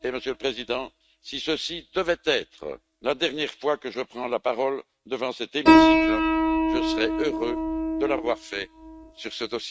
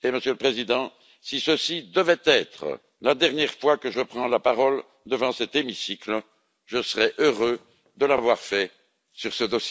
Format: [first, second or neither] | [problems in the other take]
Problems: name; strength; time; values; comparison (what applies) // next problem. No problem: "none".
second | noise reduction (neural mask model RNNoise)